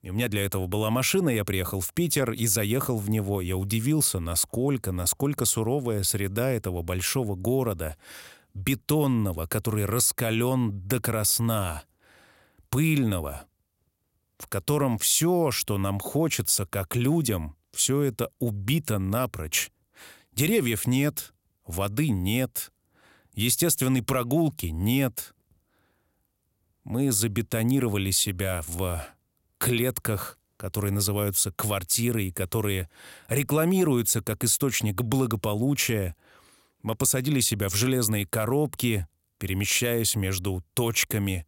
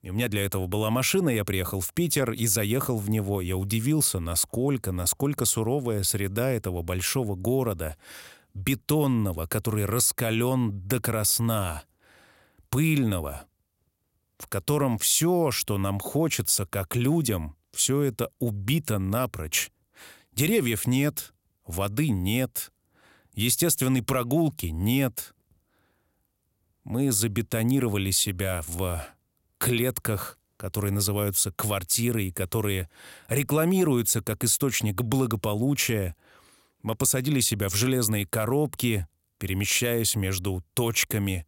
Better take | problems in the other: neither | none

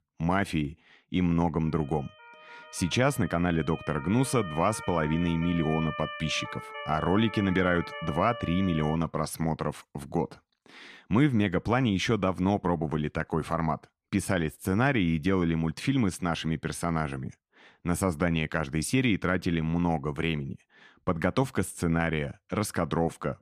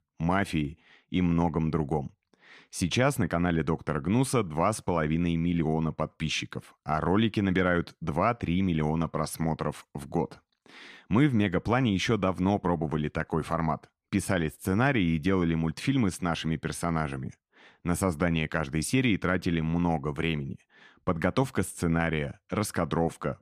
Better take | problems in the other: second | siren; noticeable; from 1.5 to 9 s; peak 8 dB below the speech

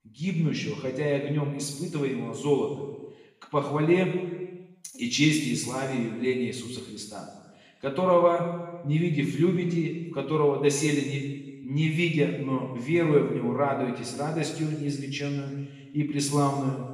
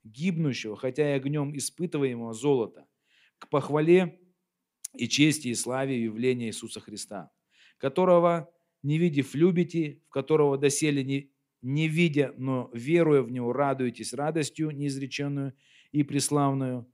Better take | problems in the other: second | room echo; noticeable; dies away in 1.1 s // off-mic speech; far

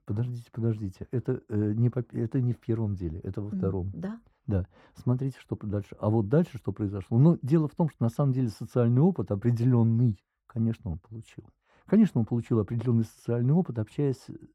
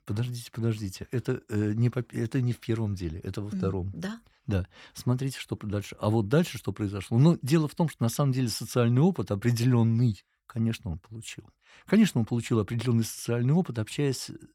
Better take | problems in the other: second | muffled; very; fading above 1.5 kHz

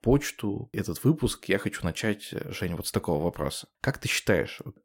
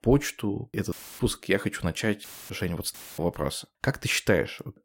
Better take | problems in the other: first | audio cutting out; filled with static; at 1 s, at 2 s and at 3 s

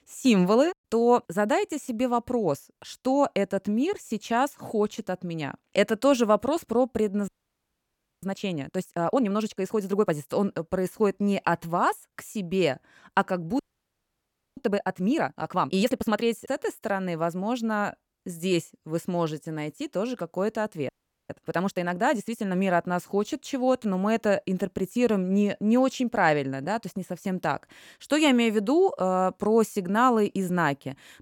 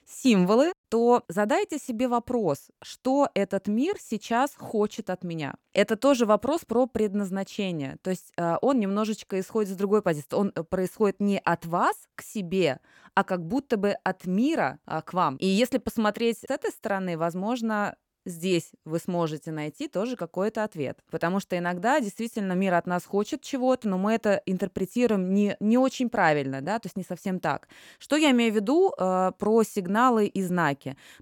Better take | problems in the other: second | audio freezing; at 7.5 s for 1 s, at 14 s for 1 s and at 21 s

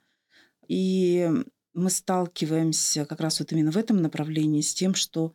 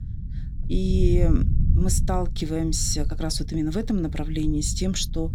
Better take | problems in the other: first | low rumble; noticeable; throughout; 15 dB below the speech

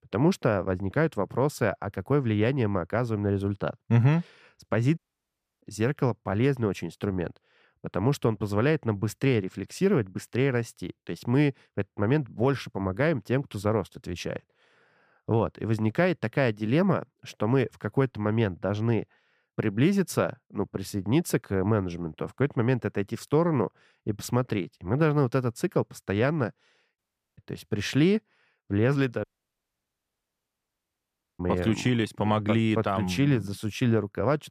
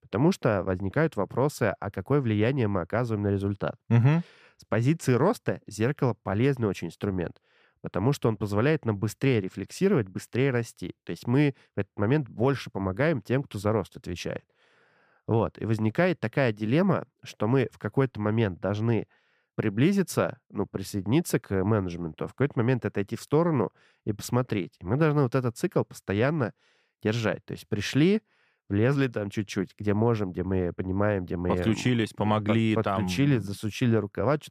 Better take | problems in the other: second | audio cutting out; at 5 s for 0.5 s, at 27 s and at 29 s for 2 s

